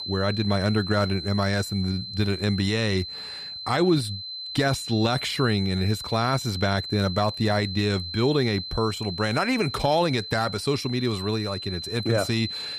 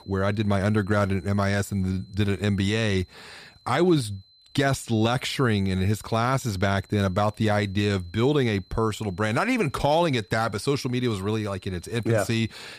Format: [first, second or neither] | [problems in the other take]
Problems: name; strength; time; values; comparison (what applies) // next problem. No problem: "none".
second | high-pitched whine; loud; throughout; 4 kHz, 8 dB below the speech; faint in the second